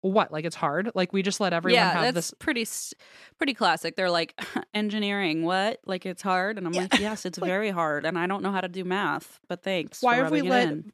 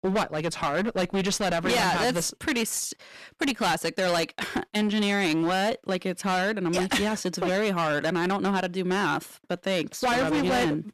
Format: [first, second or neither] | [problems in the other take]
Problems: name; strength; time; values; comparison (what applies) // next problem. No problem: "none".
first | distortion; heavy; 20% of the sound clipped